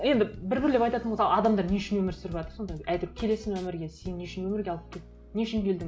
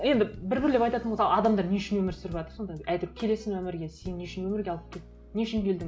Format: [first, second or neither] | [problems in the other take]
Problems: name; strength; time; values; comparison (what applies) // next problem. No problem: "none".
second | background sound (Bass drum / Snare drum / Drum kit); 17 dB below the speech